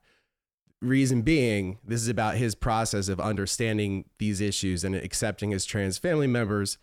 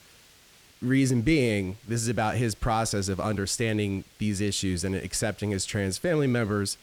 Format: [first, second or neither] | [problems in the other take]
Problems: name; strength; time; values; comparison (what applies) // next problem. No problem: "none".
first | hiss; faint; throughout; 25 dB below the speech